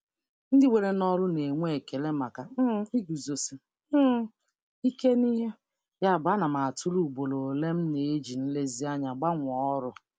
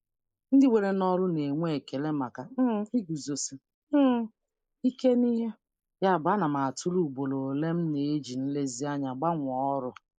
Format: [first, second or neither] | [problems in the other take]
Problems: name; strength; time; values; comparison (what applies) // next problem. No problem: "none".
first | noise reduction (neural mask model Resemble Enhance denoiser)